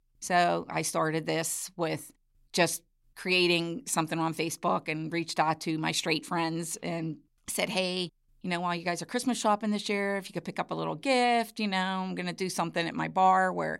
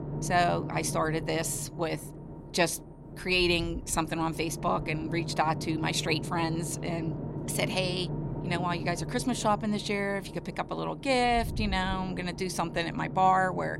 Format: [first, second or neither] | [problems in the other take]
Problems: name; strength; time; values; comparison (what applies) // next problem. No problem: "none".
first | low rumble; noticeable; throughout; 15 dB below the speech